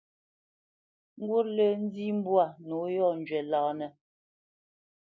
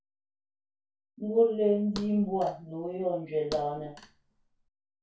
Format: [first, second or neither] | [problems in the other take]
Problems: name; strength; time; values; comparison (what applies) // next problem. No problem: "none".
first | background sound (Thump, thud); 17 dB below the speech // room echo; dies away in 0.2 s